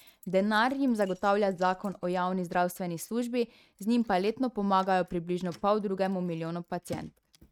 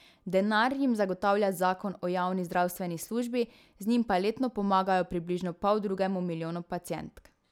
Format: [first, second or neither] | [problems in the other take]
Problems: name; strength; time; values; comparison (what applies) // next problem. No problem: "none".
second | noise reduction (neural mask model RNNoise)